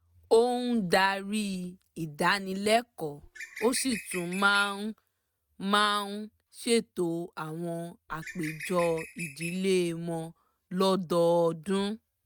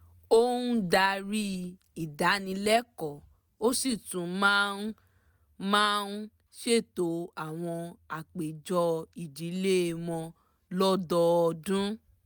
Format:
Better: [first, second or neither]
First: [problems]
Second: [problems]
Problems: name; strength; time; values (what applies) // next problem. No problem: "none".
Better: second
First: noise reduction (neural mask model RNNoise)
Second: none